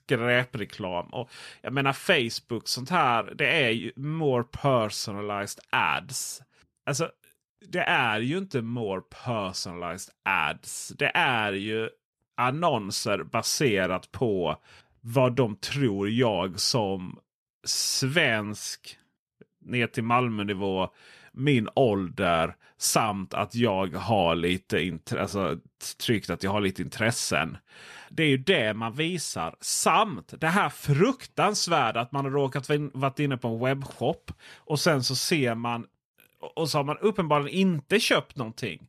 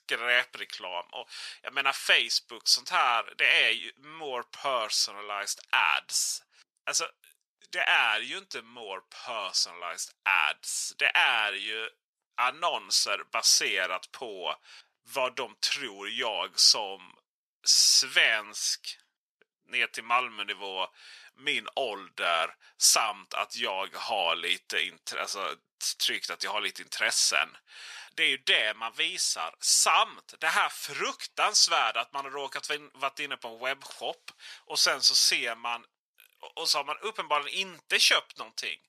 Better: first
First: none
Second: thin; very; fading below 850 Hz

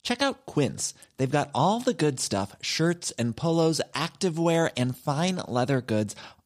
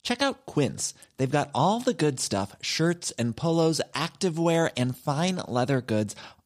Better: neither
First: none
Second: none

